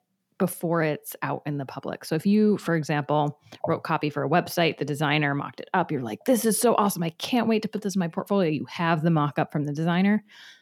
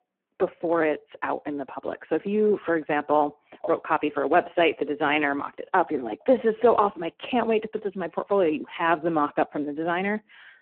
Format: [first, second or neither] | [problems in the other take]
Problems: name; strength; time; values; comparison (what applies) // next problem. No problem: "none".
first | phone-call audio; poor line